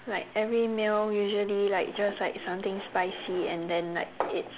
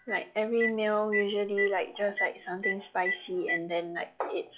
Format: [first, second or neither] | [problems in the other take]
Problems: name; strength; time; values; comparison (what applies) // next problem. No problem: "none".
first | noise reduction (classical method log-MMSE)